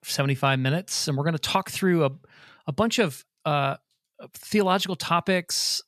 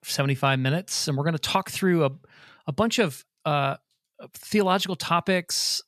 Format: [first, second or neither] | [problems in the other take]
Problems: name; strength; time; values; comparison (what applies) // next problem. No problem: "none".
neither | none